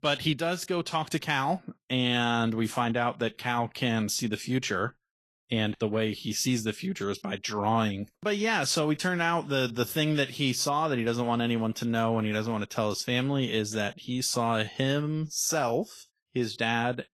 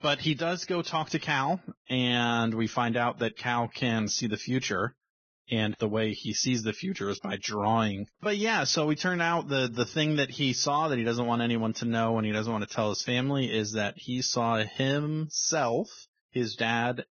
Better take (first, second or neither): first